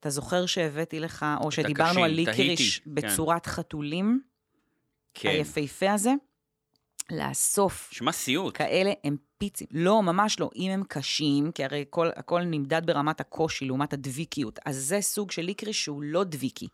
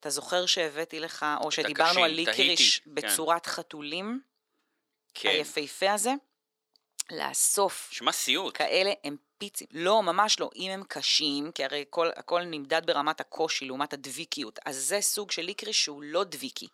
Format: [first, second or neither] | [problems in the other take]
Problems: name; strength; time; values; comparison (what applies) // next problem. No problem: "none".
first | thin; somewhat; fading below 450 Hz